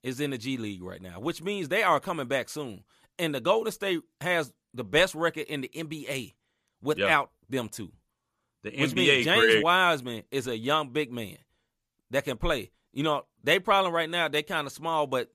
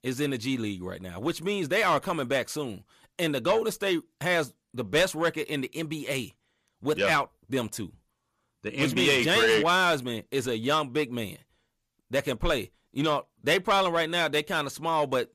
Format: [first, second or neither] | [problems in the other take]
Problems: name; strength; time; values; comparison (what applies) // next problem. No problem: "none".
first | distortion; slight; 10 dB below the speech